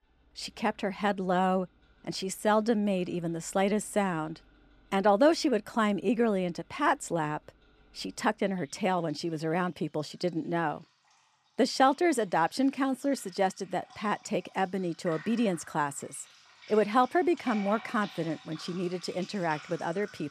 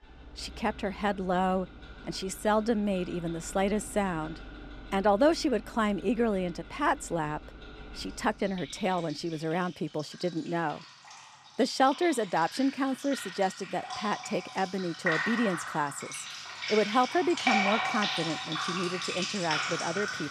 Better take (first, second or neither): first